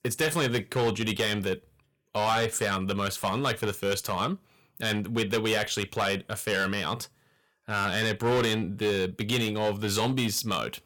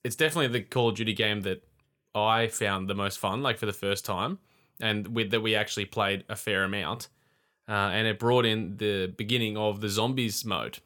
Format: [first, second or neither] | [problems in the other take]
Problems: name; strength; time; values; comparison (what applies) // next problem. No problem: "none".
second | distortion; heavy; 8% of the sound clipped